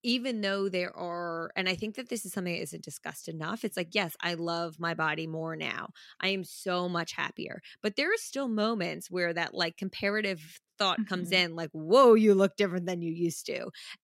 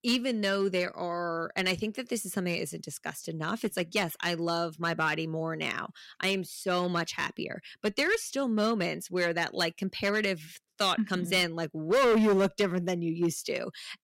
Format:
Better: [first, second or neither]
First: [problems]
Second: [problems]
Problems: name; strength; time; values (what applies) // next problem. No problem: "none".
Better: first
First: none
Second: distortion; heavy; 5% of the sound clipped